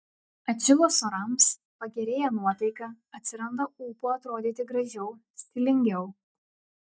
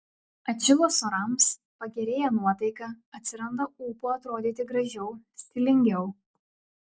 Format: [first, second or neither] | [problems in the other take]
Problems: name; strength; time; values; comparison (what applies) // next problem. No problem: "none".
second | noise reduction (neural mask model DeepFilterNet 3)